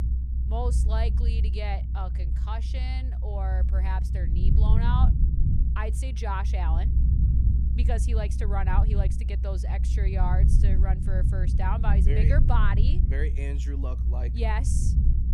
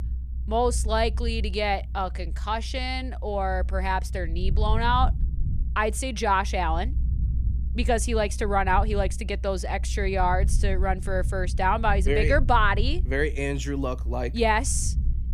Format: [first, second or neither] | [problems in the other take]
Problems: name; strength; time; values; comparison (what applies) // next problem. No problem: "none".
second | low rumble; loud; throughout; 6 dB below the speech; faint in the second